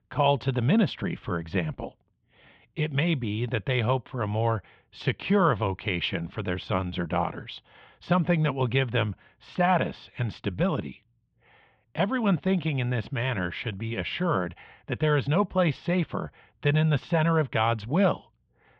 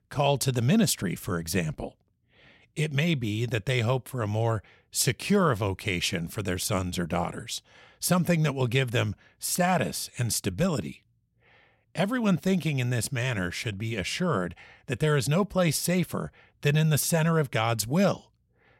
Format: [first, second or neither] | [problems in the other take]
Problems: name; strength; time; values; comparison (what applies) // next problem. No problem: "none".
second | muffled; very; fading above 3.5 kHz